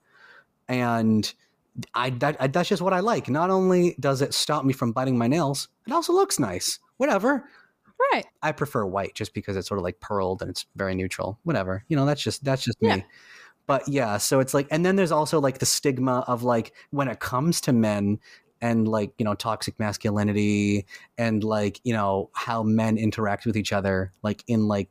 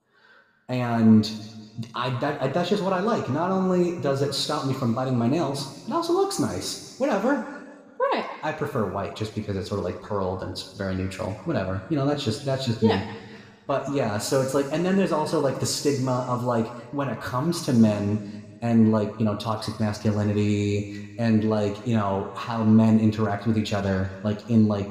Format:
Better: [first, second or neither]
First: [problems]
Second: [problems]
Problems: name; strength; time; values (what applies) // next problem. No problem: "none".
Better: first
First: none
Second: room echo; noticeable; dies away in 1.7 s // off-mic speech; somewhat distant